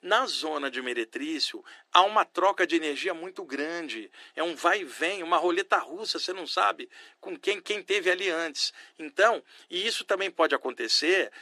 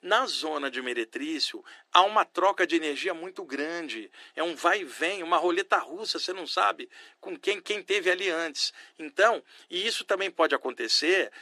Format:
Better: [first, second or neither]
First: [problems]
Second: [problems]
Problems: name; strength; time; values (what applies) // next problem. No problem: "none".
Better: neither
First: thin; very; fading below 300 Hz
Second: thin; very; fading below 300 Hz